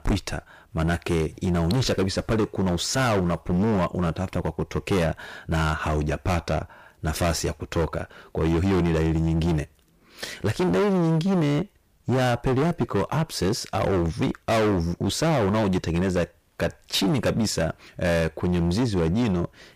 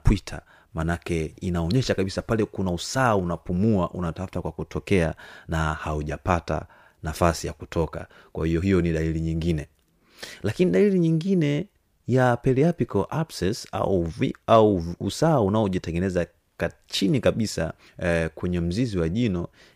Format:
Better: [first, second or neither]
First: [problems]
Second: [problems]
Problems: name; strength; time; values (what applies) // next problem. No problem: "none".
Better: second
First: distortion; heavy; 20% of the sound clipped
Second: none